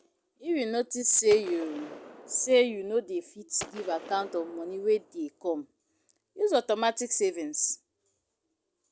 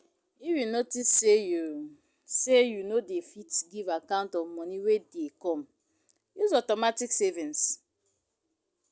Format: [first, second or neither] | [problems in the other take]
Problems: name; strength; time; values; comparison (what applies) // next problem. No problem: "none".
second | background sound (Gunshot, gunfire); 16 dB below the speech